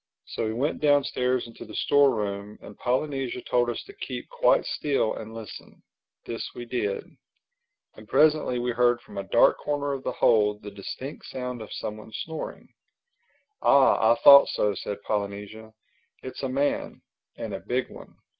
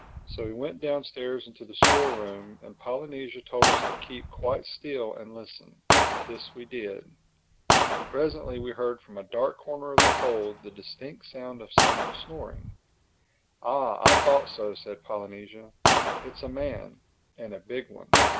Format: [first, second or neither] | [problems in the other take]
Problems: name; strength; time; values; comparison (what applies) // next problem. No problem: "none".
first | background sound (Gunshot, gunfire); 4 dB above the speech